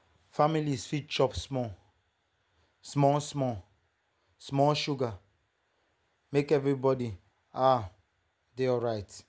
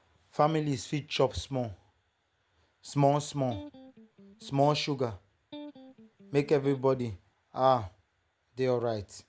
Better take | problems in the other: first | background sound (Electric guitar); 18 dB below the speech

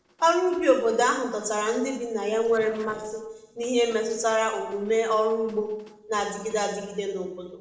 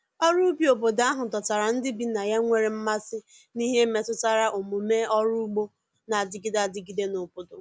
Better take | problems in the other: second | noise reduction (neural separator model SepFormer DNS4)

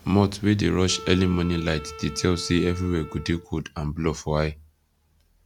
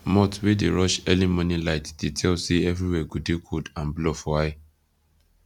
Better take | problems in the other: second | background sound (Wind instrument, woodwind instrument); 17 dB below the speech

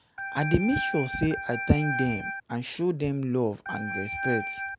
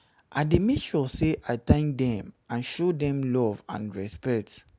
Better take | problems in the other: second | background sound (Organ); 5 dB below the speech

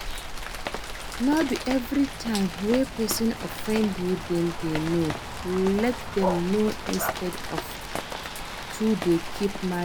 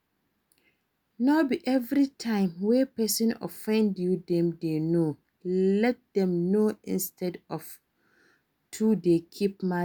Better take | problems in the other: second | background sound (Bark + Rain); 6 dB below the speech

